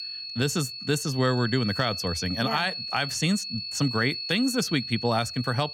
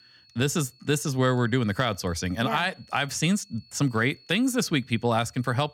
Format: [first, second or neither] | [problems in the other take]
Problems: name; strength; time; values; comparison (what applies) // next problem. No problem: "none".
second | high-pitched whine; loud; throughout; 4.5 kHz, 6 dB below the speech; faint in the second